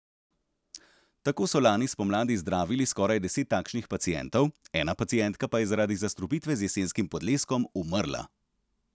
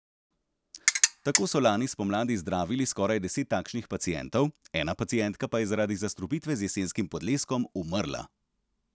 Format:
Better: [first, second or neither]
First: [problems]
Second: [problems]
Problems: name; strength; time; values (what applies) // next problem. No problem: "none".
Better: first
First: none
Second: background sound (Ratchet, pawl); 4 dB above the speech